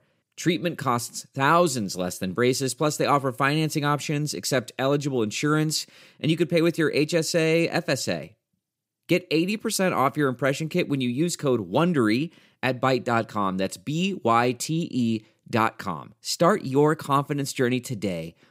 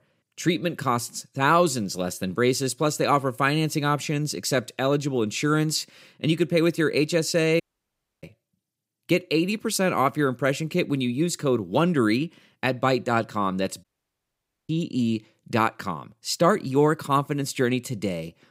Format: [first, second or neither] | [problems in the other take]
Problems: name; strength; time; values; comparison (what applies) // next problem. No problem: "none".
first | audio cutting out; at 7.5 s for 0.5 s and at 14 s for 1 s